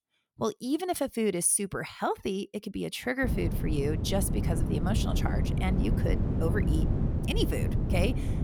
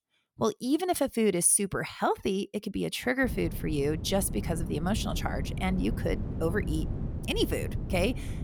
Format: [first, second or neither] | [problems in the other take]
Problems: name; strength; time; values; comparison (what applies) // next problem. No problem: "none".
second | wind noise on the microphone; heavy; from 3 s on; 6 dB below the speech; occasional gusts in the second